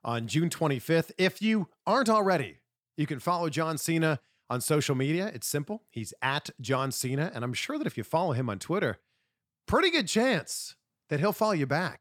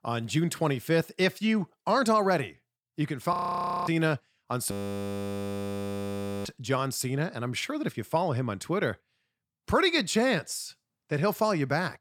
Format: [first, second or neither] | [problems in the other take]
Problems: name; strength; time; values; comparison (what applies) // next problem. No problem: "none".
first | audio freezing; at 3.5 s for 0.5 s and at 4.5 s for 1.5 s